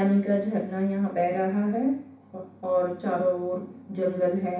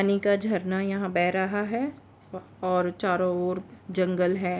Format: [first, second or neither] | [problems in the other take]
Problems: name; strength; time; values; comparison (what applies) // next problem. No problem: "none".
second | room echo; dies away in 0.6 s